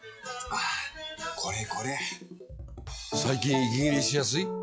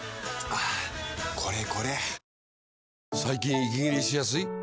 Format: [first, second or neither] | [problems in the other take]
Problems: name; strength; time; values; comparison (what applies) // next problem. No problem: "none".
second | noise reduction (classical method log-MMSE)